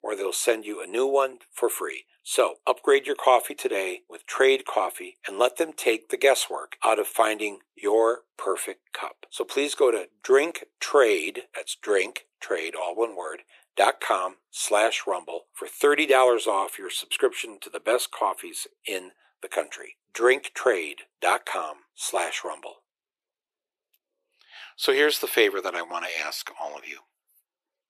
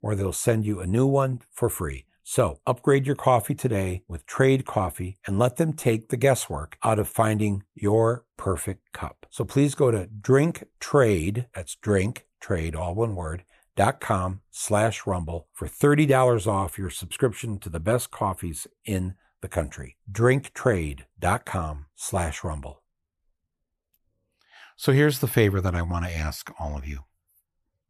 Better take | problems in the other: second | thin; very; fading below 350 Hz

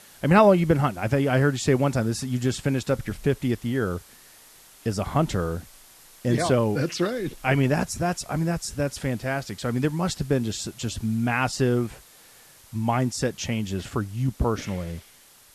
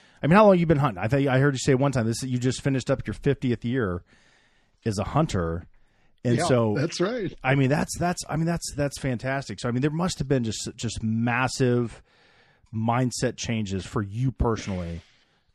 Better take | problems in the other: second | hiss; faint; throughout; 25 dB below the speech

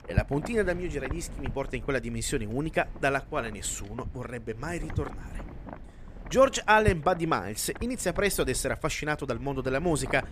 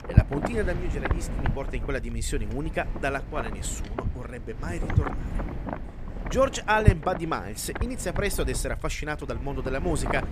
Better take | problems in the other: first | wind noise on the microphone; heavy; 8 dB below the speech; occasional gusts in the first

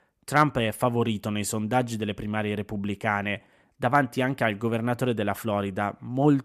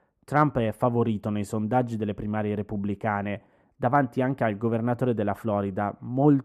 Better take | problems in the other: first | muffled; slightly; fading above 2 kHz

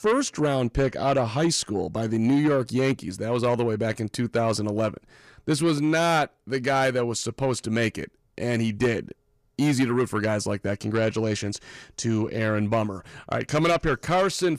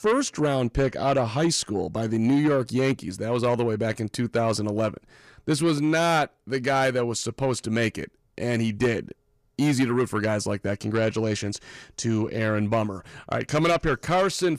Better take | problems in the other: neither | distortion; slight; 10 dB below the speech; the same in both

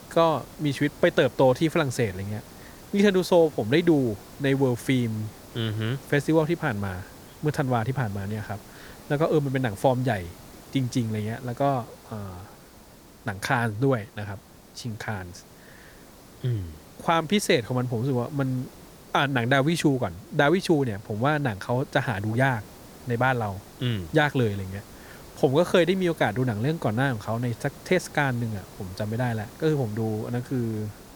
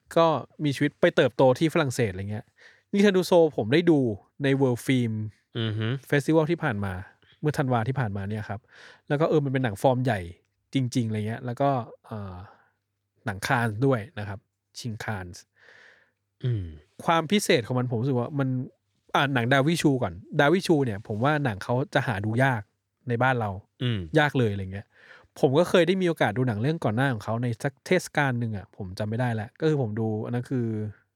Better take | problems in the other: second | hiss; faint; throughout; 20 dB below the speech

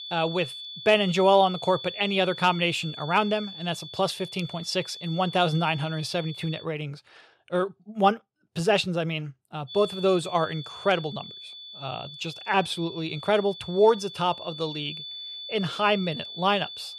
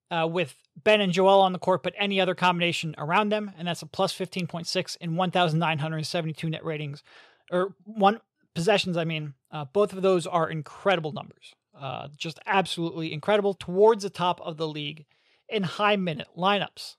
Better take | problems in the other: second | high-pitched whine; noticeable; until 6.5 s and from 9.5 s on; 3.5 kHz, 10 dB below the speech

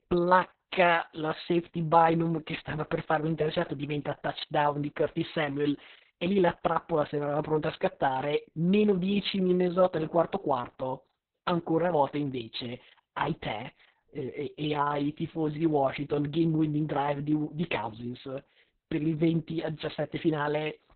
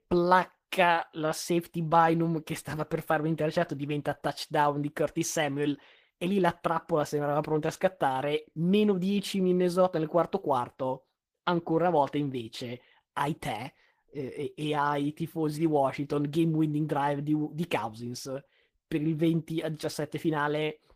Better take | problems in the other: second | garbled, watery; badly; nothing above 4 kHz; slightly in the second

